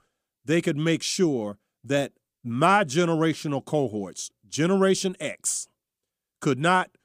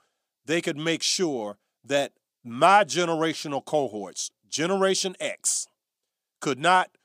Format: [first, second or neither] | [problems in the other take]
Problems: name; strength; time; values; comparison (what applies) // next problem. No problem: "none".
first | thin; somewhat; fading below 800 Hz